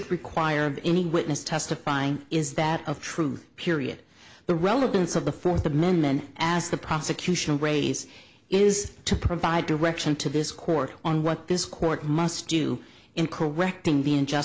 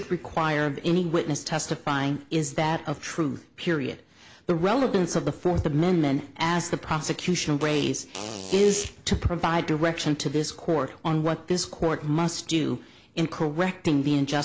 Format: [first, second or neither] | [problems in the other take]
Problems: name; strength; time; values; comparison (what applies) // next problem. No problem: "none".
first | background sound (Fart); 12 dB below the speech